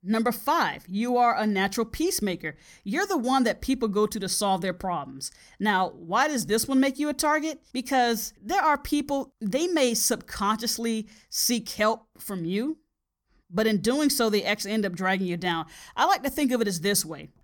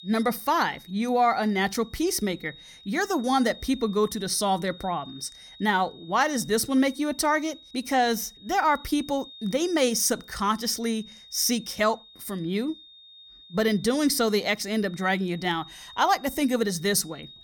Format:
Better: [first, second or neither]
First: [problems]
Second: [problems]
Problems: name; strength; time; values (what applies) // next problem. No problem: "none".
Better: first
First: none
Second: high-pitched whine; faint; throughout; 3.5 kHz, 20 dB below the speech